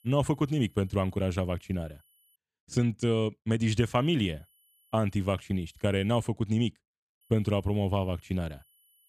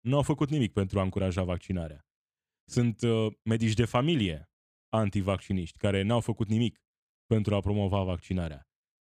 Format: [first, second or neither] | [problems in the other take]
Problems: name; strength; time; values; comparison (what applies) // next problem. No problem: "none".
second | high-pitched whine; faint; until 2.5 s, from 4 to 6 s and from 7 s on; 11.5 kHz, 35 dB below the speech